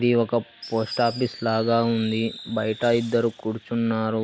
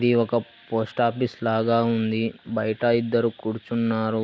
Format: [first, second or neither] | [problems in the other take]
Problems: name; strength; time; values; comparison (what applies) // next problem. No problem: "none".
second | background sound (Fireworks); 17 dB below the speech